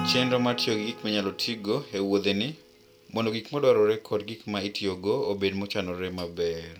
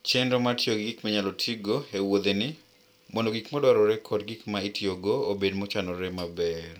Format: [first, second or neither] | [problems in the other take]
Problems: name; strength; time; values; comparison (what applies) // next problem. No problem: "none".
second | background sound (Acoustic guitar / Strum); 15 dB below the speech